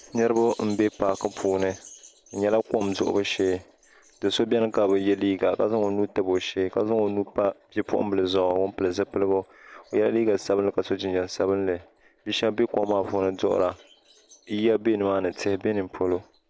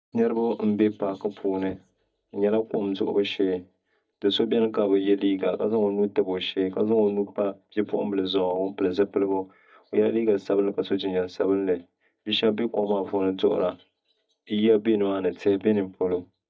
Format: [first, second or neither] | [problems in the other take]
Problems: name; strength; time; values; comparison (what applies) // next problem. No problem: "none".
first | noise reduction (neural mask model DeepFilterNet 3)